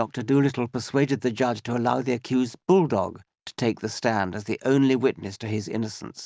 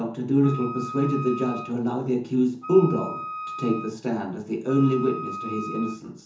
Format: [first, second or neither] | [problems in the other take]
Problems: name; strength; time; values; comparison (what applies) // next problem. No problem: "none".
first | background sound (Wind instrument, woodwind instrument); 11 dB below the speech // room echo; dies away in 0.6 s